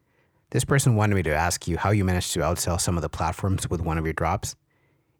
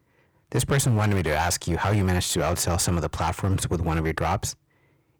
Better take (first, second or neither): first